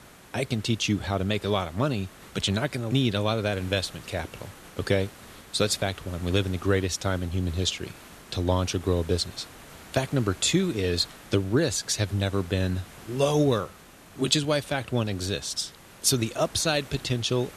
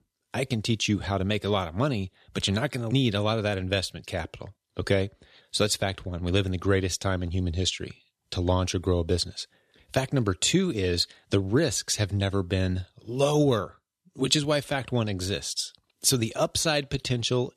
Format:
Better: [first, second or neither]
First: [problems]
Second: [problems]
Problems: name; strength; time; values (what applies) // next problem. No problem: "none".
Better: second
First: hiss; noticeable; throughout; 20 dB below the speech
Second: none